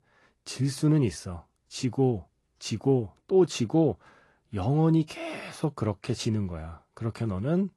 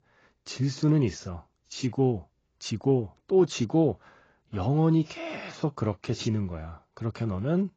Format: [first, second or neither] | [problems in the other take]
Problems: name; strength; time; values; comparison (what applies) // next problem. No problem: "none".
first | garbled, watery; badly; nothing above 7.5 kHz; slightly in the first